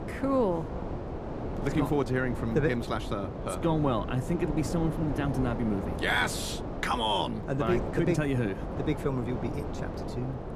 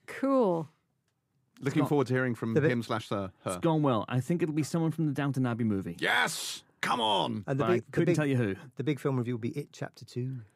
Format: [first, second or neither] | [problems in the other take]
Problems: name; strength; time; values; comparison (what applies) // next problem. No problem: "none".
second | wind noise on the microphone; heavy; 8 dB below the speech